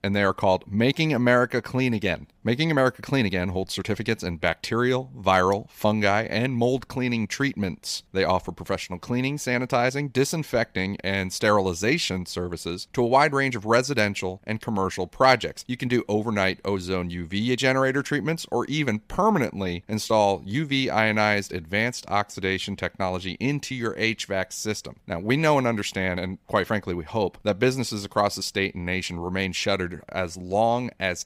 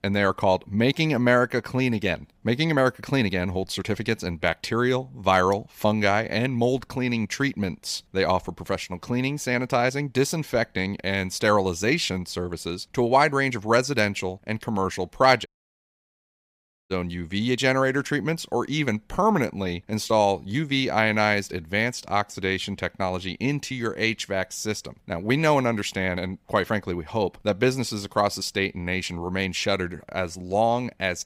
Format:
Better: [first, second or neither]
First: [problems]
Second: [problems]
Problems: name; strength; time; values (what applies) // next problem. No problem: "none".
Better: first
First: none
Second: audio cutting out; at 15 s for 1.5 s